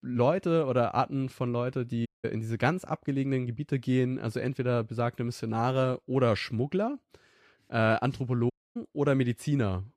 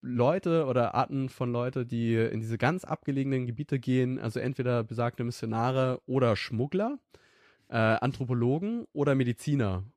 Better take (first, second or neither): second